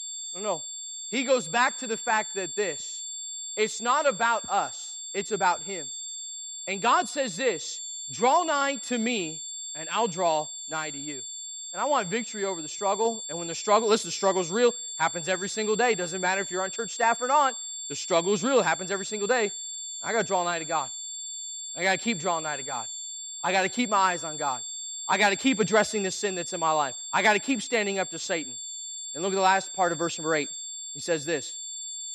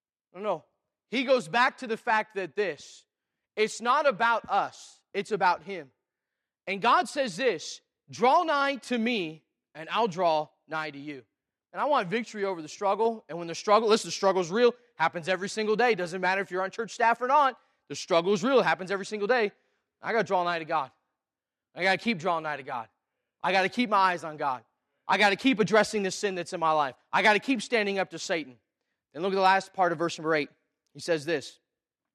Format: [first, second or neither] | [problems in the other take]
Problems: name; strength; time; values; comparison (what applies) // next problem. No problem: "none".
second | high-pitched whine; loud; throughout; 7.5 kHz, 7 dB below the speech